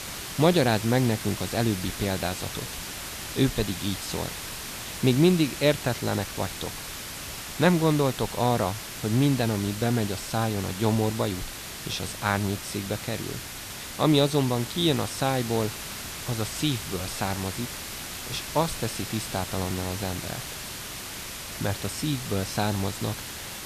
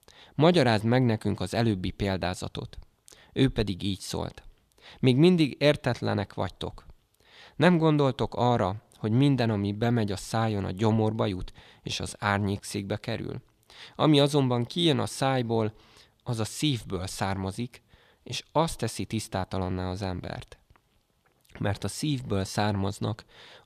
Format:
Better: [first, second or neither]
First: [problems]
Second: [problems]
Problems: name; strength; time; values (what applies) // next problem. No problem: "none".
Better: second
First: hiss; loud; throughout; 8 dB below the speech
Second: none